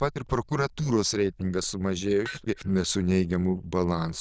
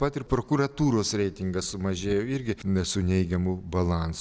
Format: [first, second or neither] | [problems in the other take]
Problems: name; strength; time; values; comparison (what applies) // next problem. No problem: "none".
second | noise reduction (neural diffusion model UNIVERSE++)